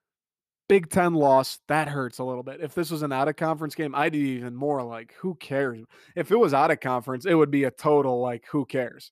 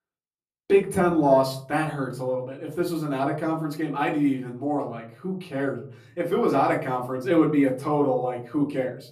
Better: first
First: none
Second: off-mic speech; far // room echo; very slight; dies away in 0.5 s

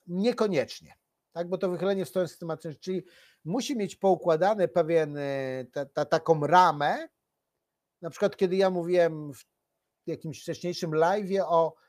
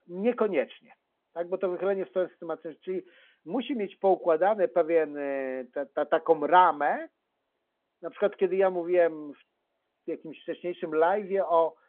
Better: first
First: none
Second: phone-call audio

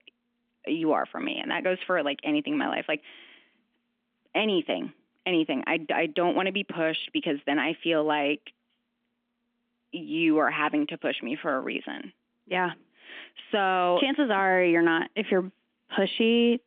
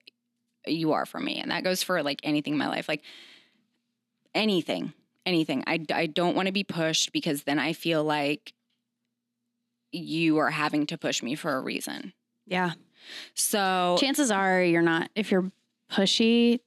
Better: second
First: phone-call audio; nothing above 3.5 kHz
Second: none

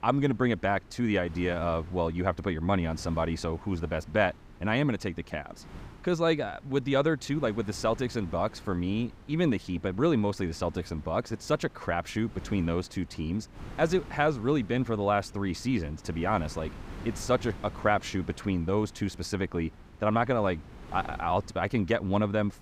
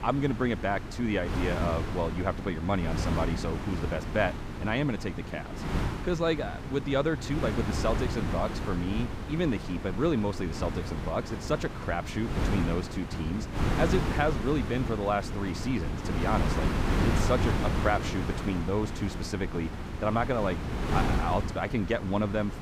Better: first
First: wind noise on the microphone; occasional gusts; 20 dB below the speech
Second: wind noise on the microphone; heavy; 5 dB below the speech

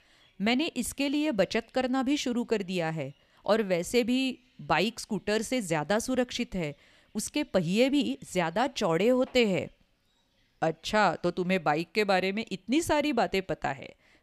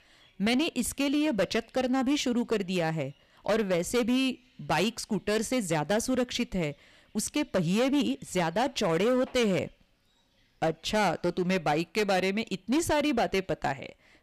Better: first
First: none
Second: distortion; slight; 10% of the sound clipped

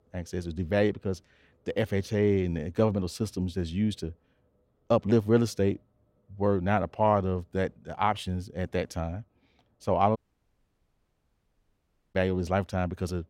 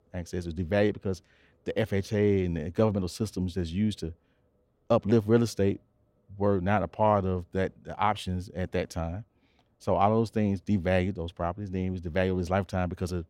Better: second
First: audio cutting out; at 10 s for 2 s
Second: none

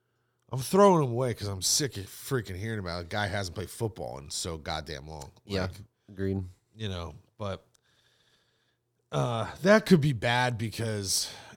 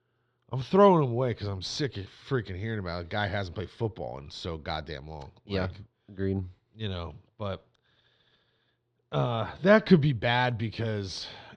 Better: first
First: none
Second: muffled; slightly; fading above 3.5 kHz

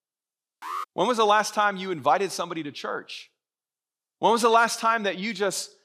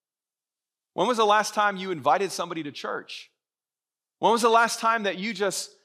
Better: second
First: alarm; faint; at 0.5 s; peak 10 dB below the speech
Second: none

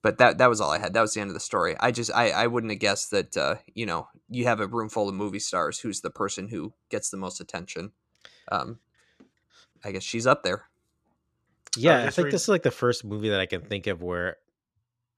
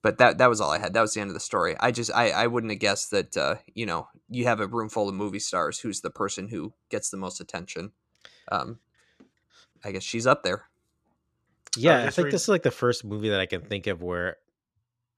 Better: neither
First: none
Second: none

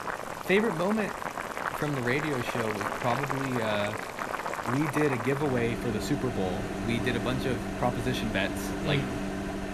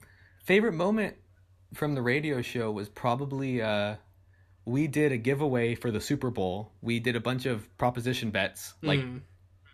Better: second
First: household noises; loud; throughout; 3 dB below the speech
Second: none

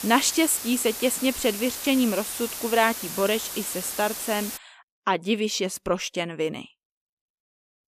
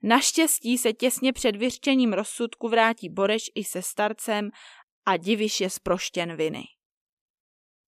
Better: second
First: hiss; very faint; until 4.5 s; 7 dB below the speech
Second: none

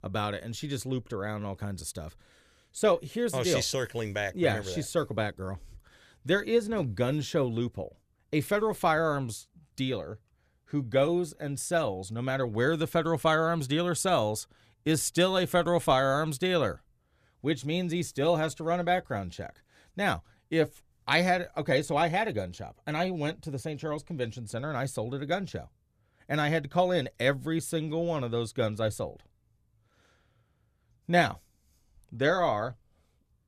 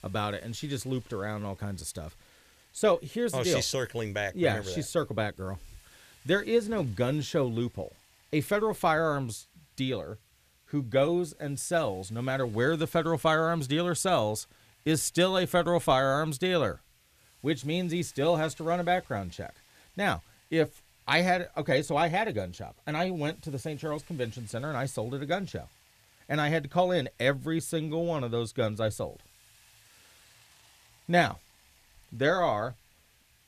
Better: first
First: none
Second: hiss; faint; throughout; 30 dB below the speech

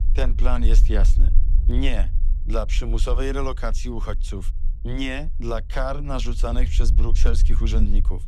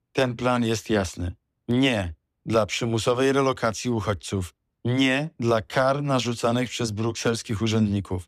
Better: second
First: low rumble; noticeable; throughout; 15 dB below the speech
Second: none

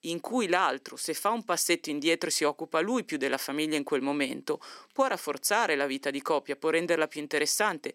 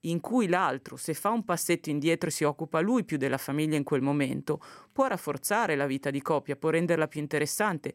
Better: second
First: thin; very slightly; fading below 250 Hz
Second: none

